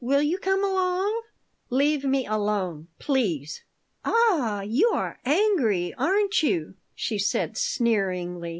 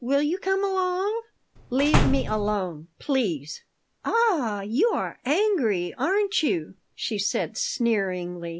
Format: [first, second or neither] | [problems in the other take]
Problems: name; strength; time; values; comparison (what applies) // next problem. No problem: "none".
first | background sound (Slam); 1 dB above the speech